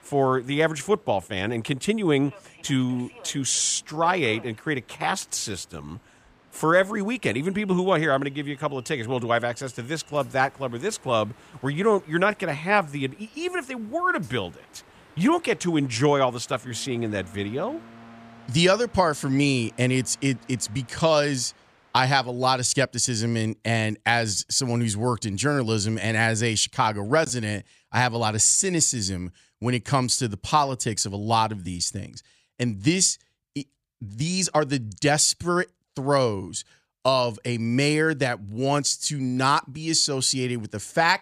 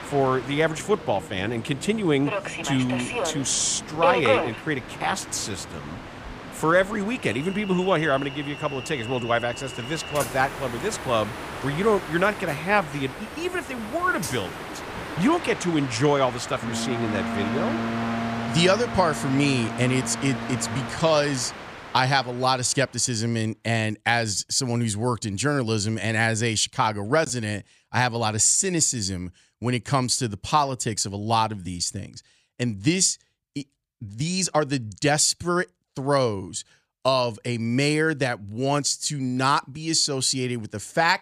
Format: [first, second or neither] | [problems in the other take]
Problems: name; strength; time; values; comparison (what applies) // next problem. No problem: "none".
first | train or aircraft noise; loud; until 23 s; 8 dB below the speech; faint in the first